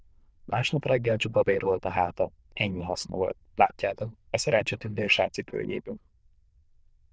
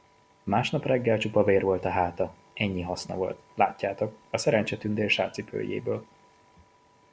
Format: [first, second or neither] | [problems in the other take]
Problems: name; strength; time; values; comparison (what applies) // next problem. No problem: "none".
second | noise reduction (neural diffusion model UNIVERSE++)